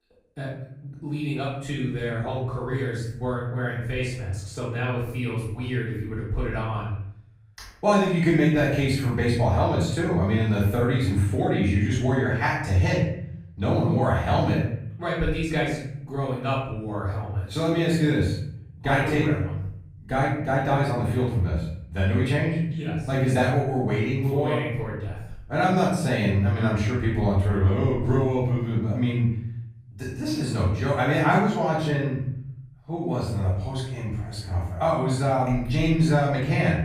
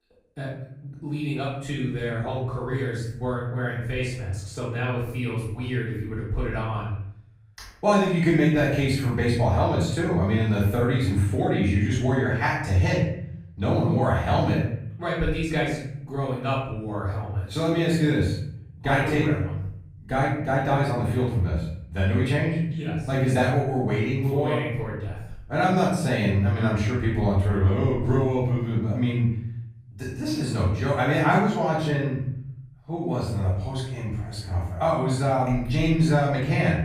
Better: neither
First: off-mic speech; far // room echo; noticeable; dies away in 0.7 s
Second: off-mic speech; far // room echo; noticeable; dies away in 0.7 s

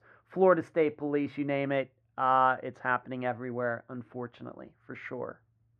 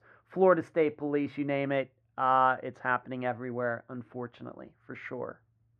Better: neither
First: muffled; very; fading above 1.5 kHz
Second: muffled; very; fading above 1.5 kHz

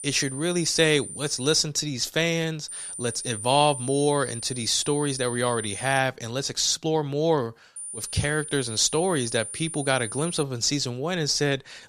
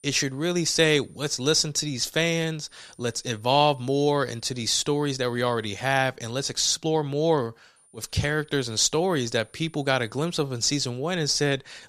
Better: second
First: high-pitched whine; loud; until 1.5 s, from 2.5 to 6 s and from 8 to 10 s; 9 kHz, 9 dB below the speech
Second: high-pitched whine; faint; until 1.5 s, from 2.5 to 6 s and from 8 to 10 s; 9 kHz, 35 dB below the speech

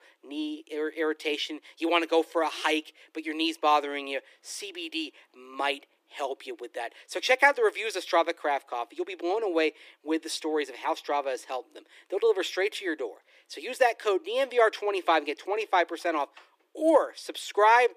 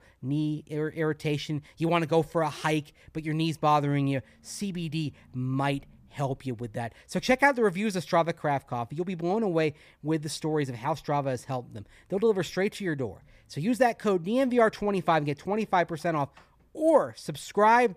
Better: second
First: thin; very; fading below 300 Hz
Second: none

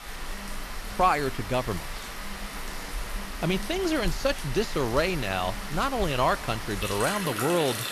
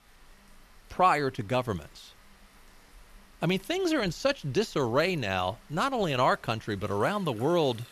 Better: second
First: rain or running water; loud; throughout; 7 dB below the speech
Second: rain or running water; faint; throughout; 25 dB below the speech

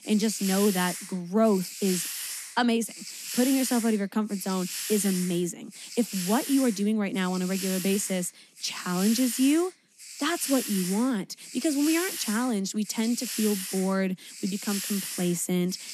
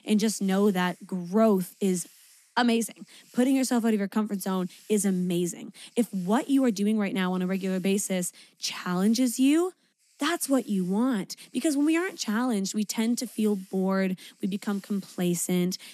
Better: second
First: hiss; loud; throughout; 7 dB below the speech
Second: hiss; faint; throughout; 30 dB below the speech

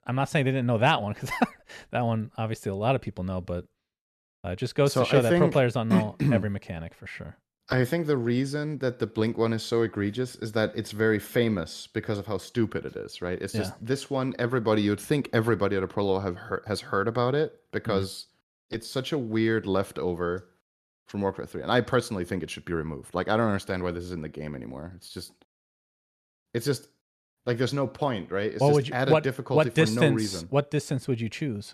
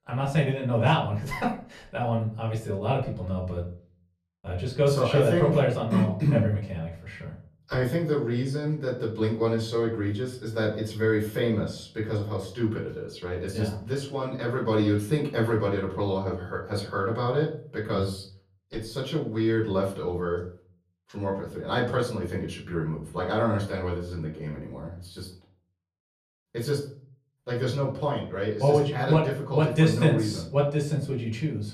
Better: first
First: none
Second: off-mic speech; far // room echo; slight; dies away in 0.4 s

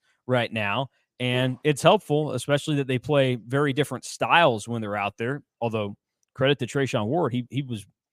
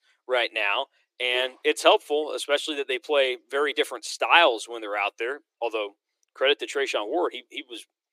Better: first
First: none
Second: thin; very; fading below 300 Hz

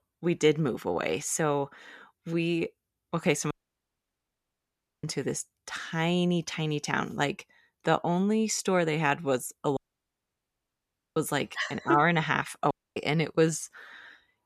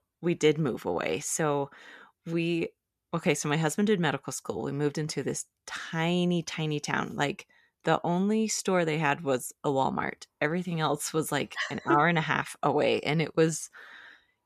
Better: second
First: audio cutting out; at 3.5 s for 1.5 s, at 10 s for 1.5 s and at 13 s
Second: none

